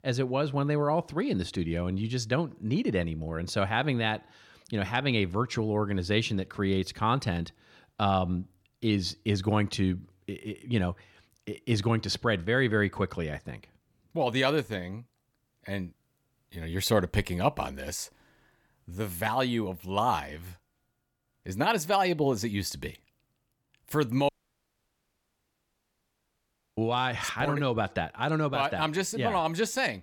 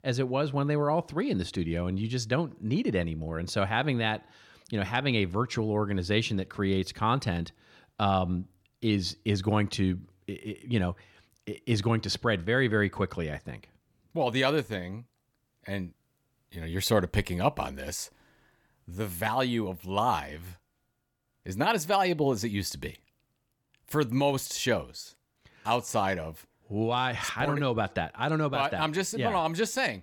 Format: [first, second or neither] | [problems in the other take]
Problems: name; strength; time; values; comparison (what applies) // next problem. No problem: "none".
second | audio cutting out; at 24 s for 2.5 s